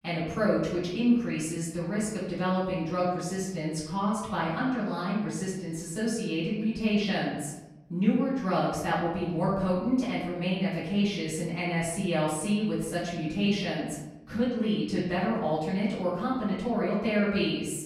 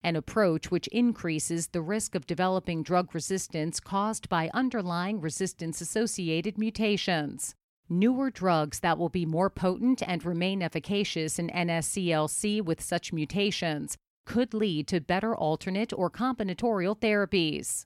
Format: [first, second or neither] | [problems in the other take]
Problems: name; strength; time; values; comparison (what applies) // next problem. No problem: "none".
second | off-mic speech; far // room echo; noticeable; dies away in 0.9 s